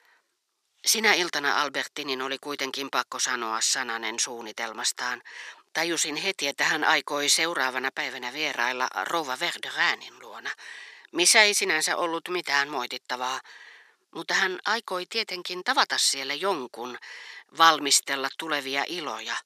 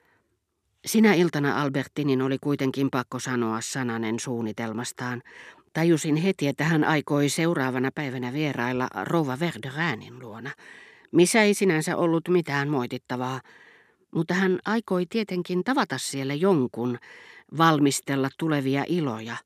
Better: second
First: thin; very; fading below 750 Hz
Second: none

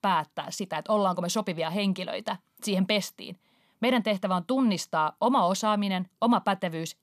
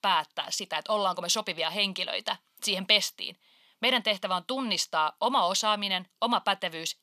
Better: first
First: none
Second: thin; somewhat; fading below 800 Hz

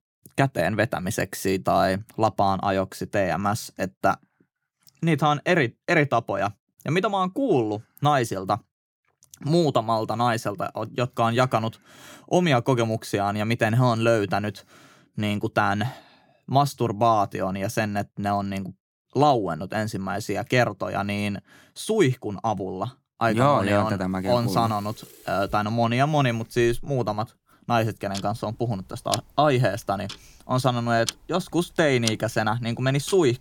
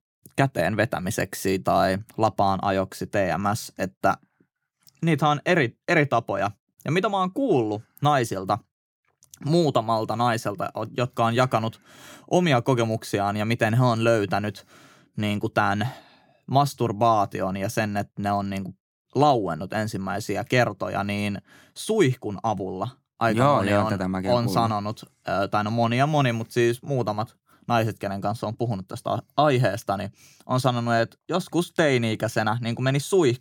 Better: second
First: household noises; noticeable; from 24 s on; 10 dB below the speech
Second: none

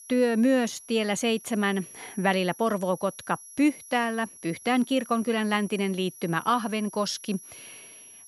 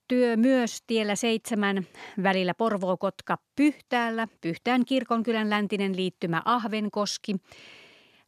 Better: second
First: high-pitched whine; noticeable; throughout; 11 kHz, 15 dB below the speech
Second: none

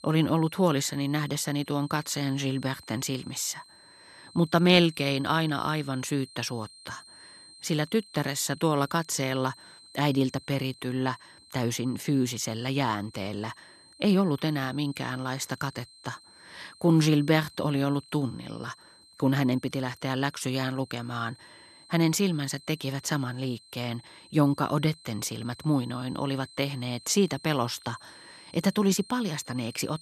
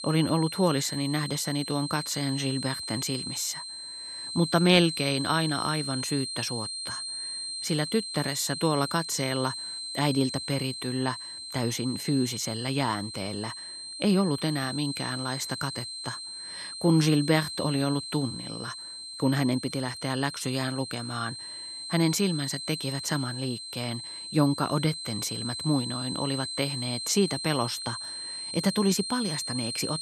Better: first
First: high-pitched whine; faint; throughout; 4 kHz, 20 dB below the speech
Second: high-pitched whine; loud; throughout; 4 kHz, 6 dB below the speech

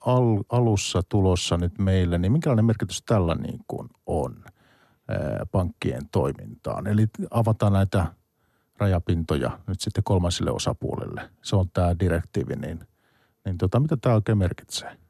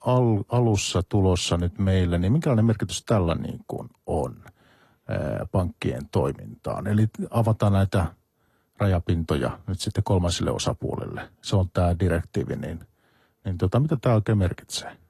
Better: first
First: none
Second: garbled, watery; slightly; nothing above 13.5 kHz

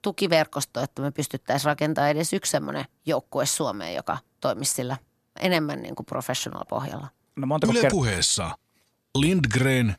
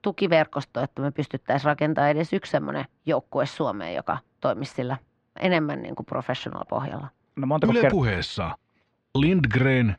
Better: first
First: none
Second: muffled; very; fading above 3 kHz

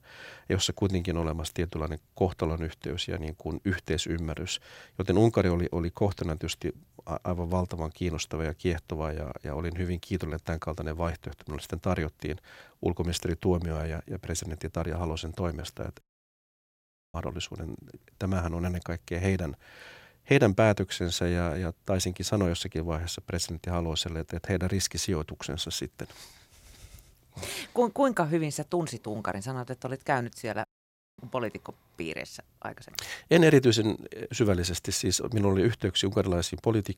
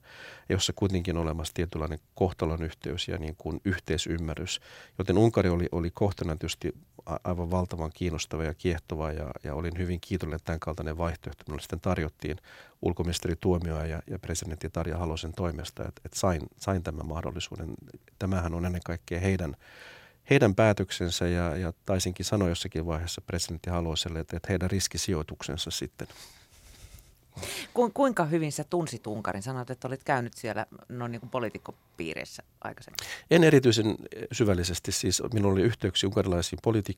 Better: second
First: audio cutting out; at 16 s for 1 s and at 31 s for 0.5 s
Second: none

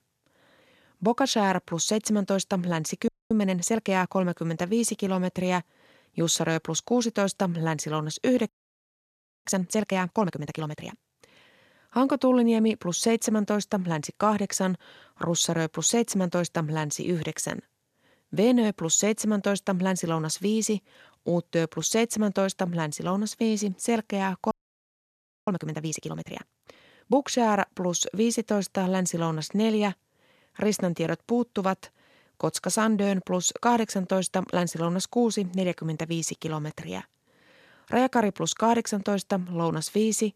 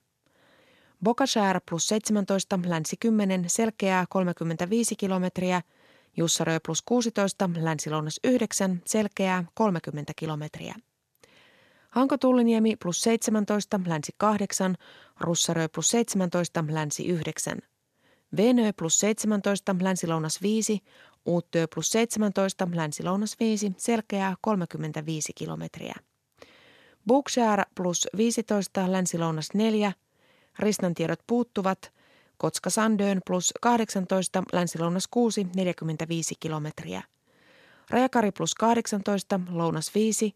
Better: second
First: audio freezing; at 3 s, at 8.5 s for 1 s and at 25 s for 1 s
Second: none

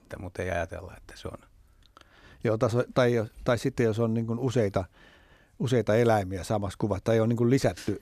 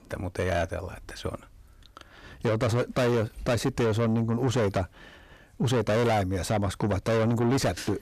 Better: first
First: none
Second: distortion; heavy; 7 dB below the speech

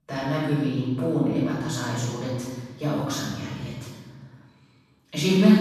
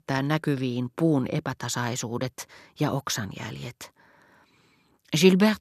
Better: second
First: off-mic speech; far // room echo; strong; dies away in 1.4 s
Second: none

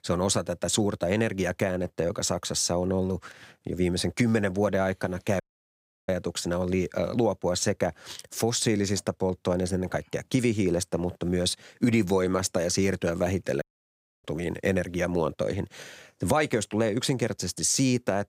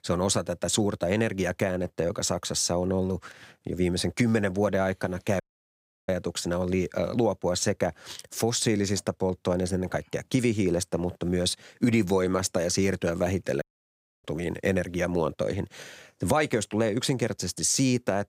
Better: neither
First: audio cutting out; at 5.5 s for 0.5 s and at 14 s for 0.5 s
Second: audio cutting out; at 5.5 s for 0.5 s and at 14 s for 0.5 s

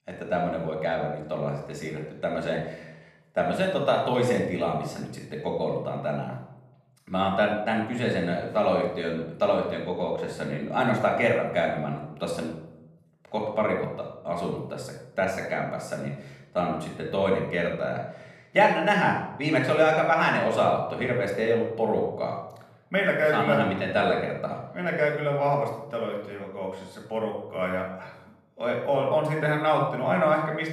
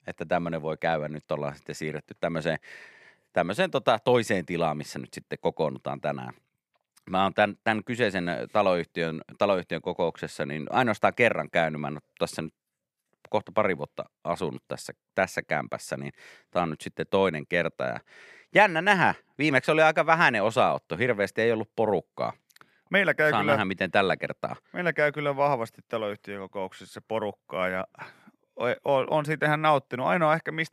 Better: second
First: room echo; noticeable; dies away in 0.7 s // off-mic speech; far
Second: none

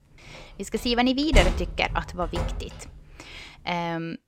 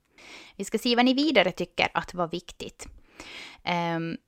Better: second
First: door banging; loud; from 1.5 to 2.5 s; peak 1 dB above the speech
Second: none

